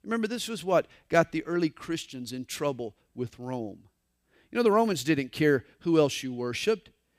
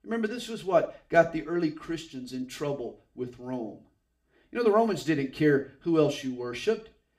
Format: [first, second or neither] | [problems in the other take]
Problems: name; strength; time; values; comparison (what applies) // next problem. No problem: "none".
first | room echo; very slight; dies away in 0.3 s // off-mic speech; far